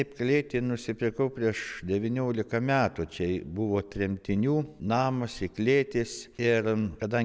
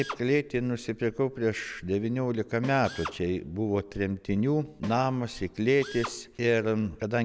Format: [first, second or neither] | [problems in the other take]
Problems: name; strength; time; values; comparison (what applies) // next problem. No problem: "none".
first | background sound (Drill + Snare drum); 17 dB below the speech